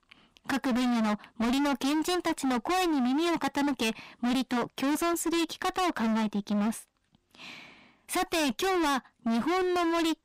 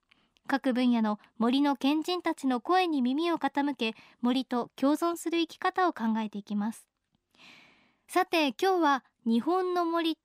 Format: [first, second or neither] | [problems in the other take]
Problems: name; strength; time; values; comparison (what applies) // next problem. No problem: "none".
second | distortion; heavy; 37% of the sound clipped